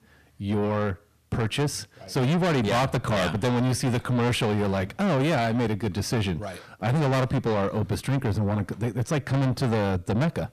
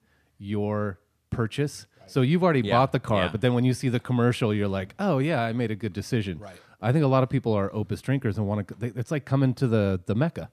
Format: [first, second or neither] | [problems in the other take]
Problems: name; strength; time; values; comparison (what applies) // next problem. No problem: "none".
second | distortion; heavy; 5 dB below the speech